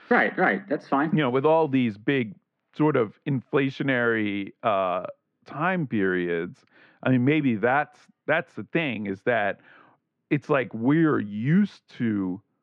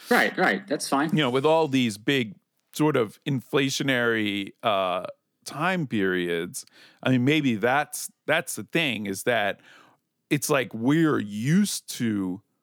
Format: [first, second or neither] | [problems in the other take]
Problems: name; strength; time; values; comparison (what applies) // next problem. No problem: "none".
second | muffled; very; fading above 2.5 kHz